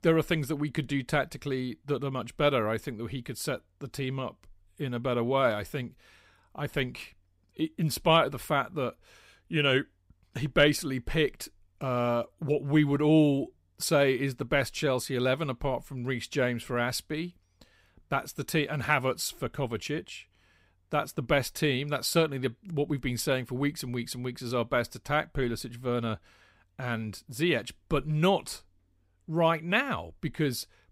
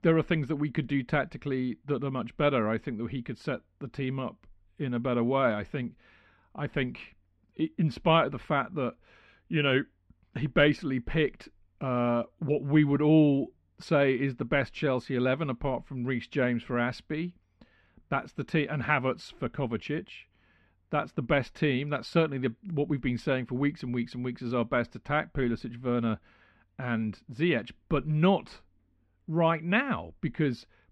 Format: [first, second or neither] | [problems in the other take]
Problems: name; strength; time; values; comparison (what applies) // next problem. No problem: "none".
first | muffled; slightly; fading above 2.5 kHz